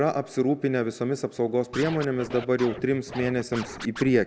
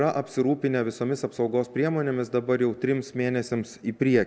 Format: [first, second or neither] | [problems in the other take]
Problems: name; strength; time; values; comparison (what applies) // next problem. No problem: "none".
second | background sound (Scratching (performance technique)); 13 dB below the speech